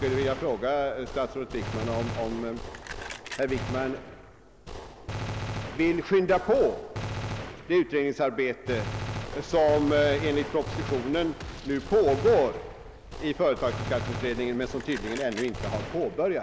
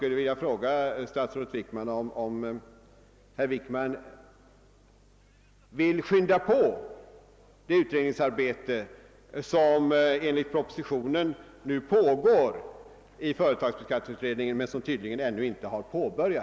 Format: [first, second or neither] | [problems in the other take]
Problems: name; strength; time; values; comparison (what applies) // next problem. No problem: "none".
second | background sound (Gunshot, gunfire); 8 dB below the speech